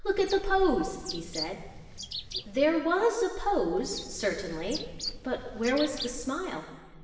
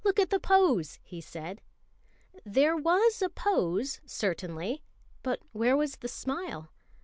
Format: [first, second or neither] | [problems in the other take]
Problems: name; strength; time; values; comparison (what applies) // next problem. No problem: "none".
second | background sound (Bird); 12 dB below the speech // room echo; dies away in 1.3 s